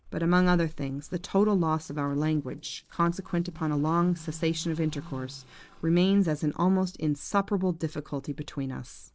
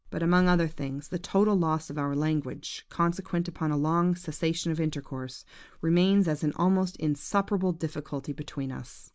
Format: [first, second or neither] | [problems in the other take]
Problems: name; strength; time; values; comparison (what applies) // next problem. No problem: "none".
second | noise reduction (neural separator model SepFormer DNS4)